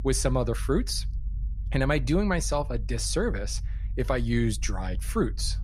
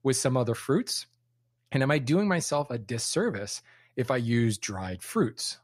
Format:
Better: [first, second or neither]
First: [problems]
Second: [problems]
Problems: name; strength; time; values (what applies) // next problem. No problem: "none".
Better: second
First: low rumble; faint; throughout; 25 dB below the speech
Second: none